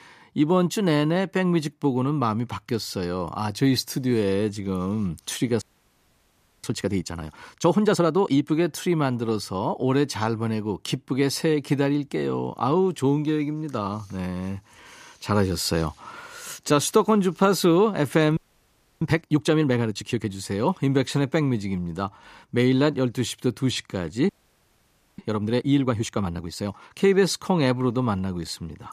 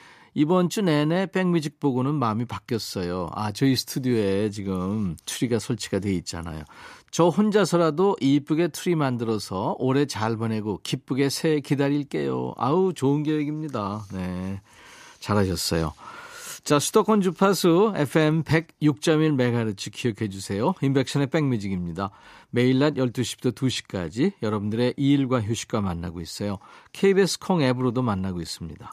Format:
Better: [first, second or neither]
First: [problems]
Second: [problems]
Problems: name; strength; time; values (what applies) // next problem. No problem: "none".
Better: second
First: audio freezing; at 5.5 s for 1 s, at 18 s for 0.5 s and at 24 s for 1 s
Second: none